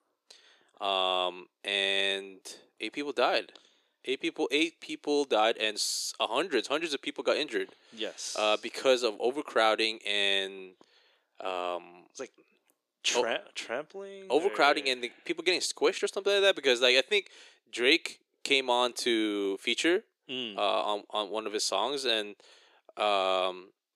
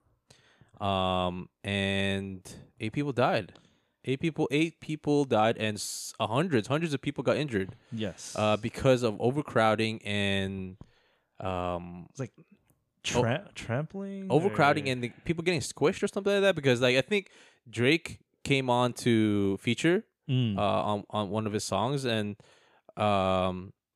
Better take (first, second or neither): second